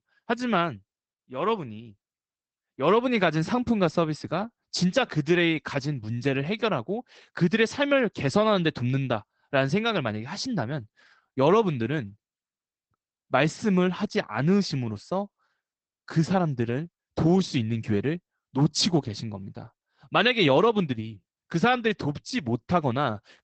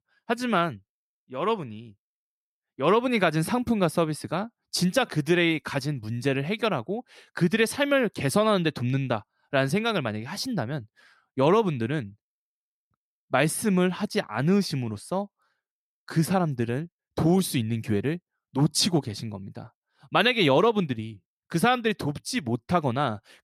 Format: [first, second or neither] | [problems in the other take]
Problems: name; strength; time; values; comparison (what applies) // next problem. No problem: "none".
second | garbled, watery; badly; nothing above 8 kHz